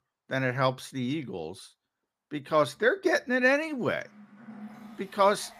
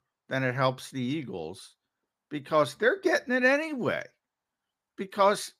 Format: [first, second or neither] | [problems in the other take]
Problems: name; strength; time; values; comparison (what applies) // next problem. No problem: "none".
second | rain or running water; faint; from 3.5 s on; 20 dB below the speech